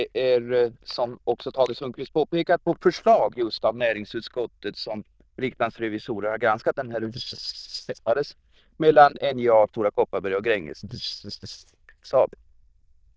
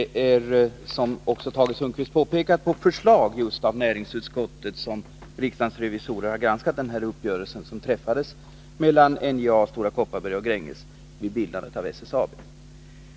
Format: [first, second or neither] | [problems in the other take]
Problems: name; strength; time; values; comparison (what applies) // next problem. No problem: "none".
second | noise reduction (neural diffusion model UNIVERSE++)